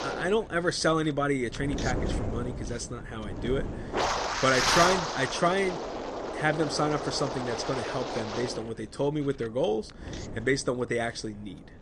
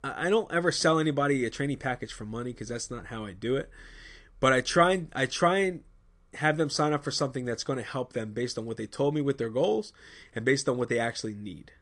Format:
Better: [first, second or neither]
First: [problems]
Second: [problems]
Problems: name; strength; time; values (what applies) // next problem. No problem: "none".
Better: second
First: wind noise on the microphone; heavy; 2 dB below the speech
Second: none